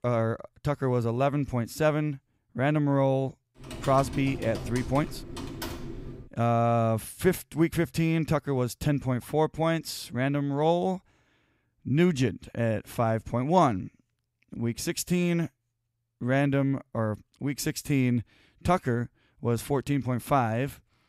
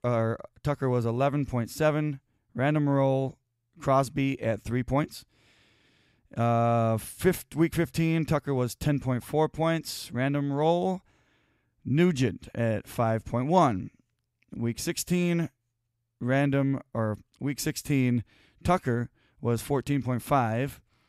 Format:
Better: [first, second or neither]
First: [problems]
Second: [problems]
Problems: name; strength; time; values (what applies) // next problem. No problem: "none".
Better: second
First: keyboard typing; noticeable; from 3.5 to 6.5 s; peak 9 dB below the speech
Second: none